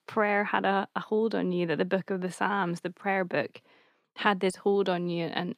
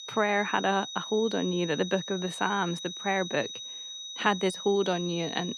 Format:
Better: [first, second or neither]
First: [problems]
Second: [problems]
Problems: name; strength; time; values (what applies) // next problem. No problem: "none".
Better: first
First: none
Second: high-pitched whine; loud; throughout; 4 kHz, 8 dB below the speech